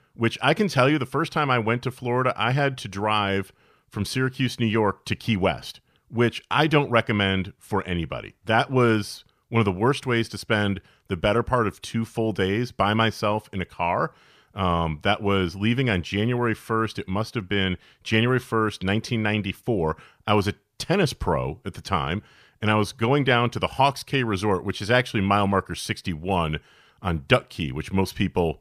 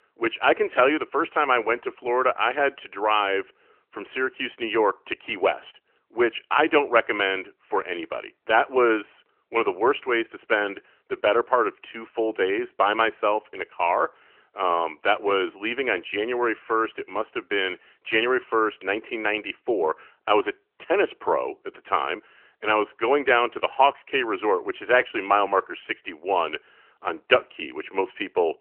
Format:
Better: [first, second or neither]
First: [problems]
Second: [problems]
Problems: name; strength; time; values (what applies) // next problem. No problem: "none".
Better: first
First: none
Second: phone-call audio; nothing above 3 kHz